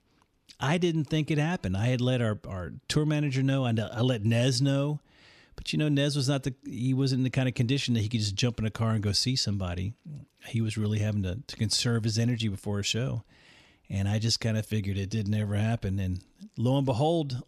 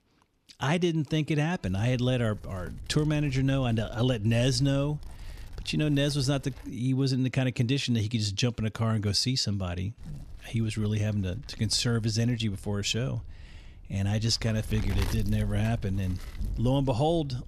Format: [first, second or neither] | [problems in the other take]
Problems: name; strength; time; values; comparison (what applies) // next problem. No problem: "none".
first | wind noise on the microphone; occasional gusts; from 1.5 to 6.5 s and from 10 s on; 20 dB below the speech